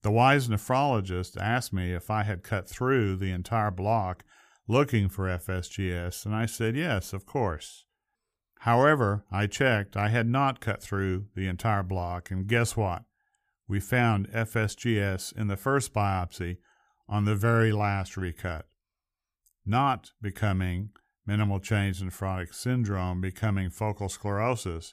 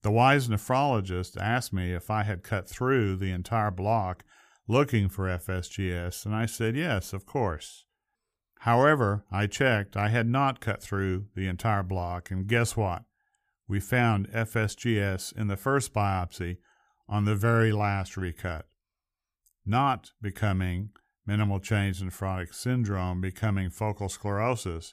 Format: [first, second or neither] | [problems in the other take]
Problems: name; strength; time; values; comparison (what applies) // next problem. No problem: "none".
neither | none